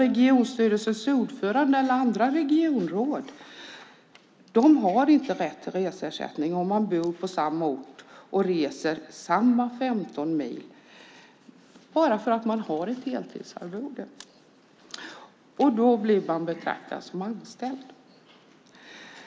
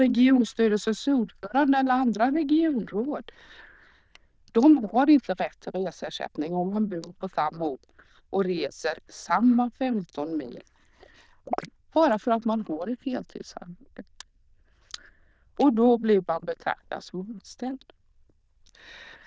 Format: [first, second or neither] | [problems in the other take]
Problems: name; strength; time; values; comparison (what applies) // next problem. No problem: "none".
first | noise reduction (neural diffusion model UNIVERSE++)